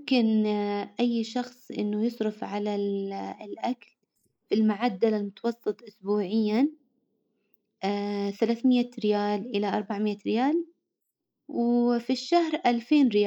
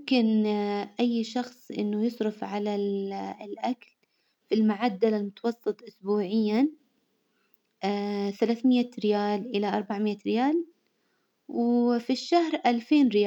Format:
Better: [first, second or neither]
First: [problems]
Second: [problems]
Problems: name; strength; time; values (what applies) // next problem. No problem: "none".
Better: second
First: noise reduction (neural mask model Resemble Enhance denoiser)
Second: none